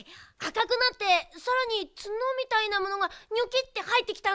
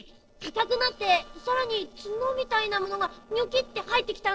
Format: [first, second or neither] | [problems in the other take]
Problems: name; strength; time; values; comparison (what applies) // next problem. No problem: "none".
first | noise reduction (neural separator model SepFormer DNS4)